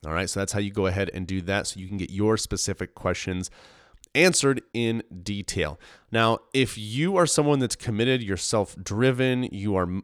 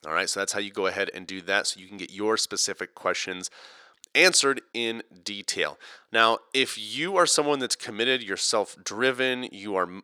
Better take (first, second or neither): first